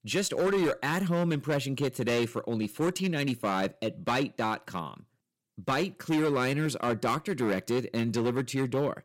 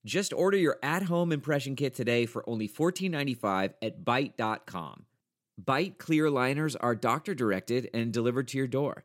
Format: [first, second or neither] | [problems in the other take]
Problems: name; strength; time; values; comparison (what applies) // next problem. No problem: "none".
second | distortion; slight; 11% of the sound clipped